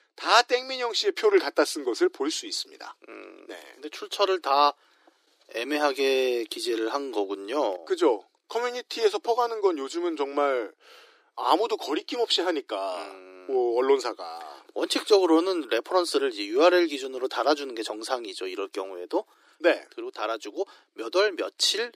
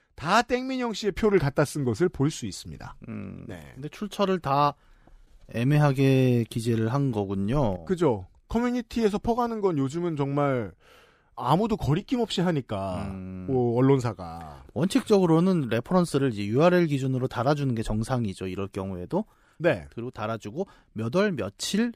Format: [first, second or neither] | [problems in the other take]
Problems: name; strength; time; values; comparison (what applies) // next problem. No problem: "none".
second | thin; very; fading below 300 Hz